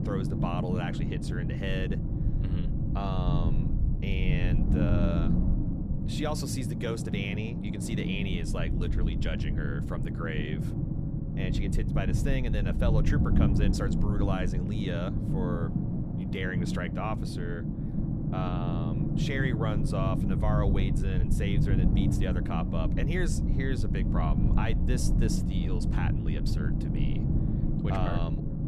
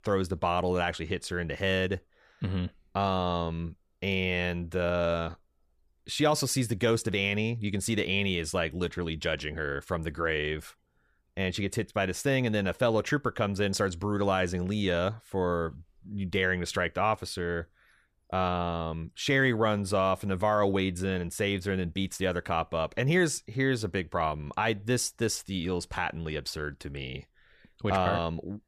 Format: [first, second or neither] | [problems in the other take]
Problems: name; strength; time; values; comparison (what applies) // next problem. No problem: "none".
second | low rumble; loud; throughout; 2 dB below the speech